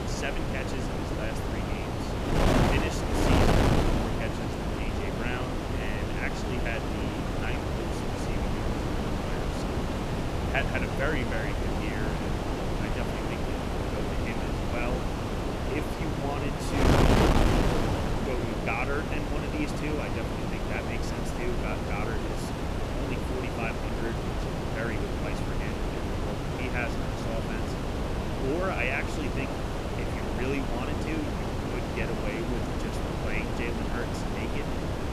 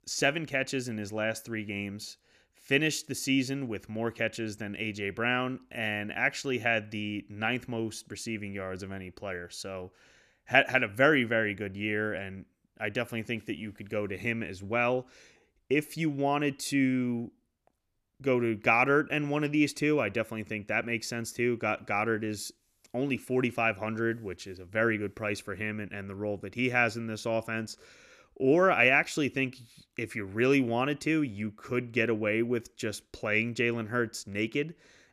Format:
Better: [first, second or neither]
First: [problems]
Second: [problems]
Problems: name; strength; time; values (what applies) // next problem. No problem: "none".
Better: second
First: wind noise on the microphone; heavy; 4 dB above the speech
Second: none